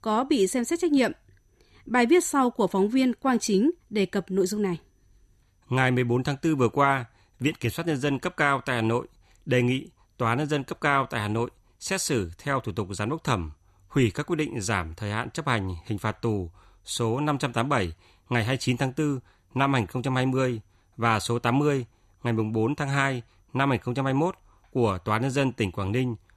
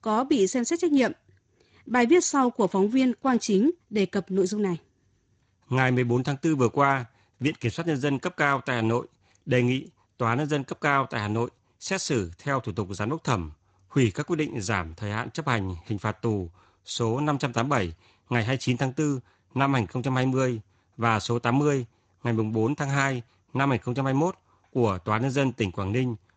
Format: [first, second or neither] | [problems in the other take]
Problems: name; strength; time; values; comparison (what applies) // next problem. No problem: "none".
first | garbled, watery; slightly; nothing above 7.5 kHz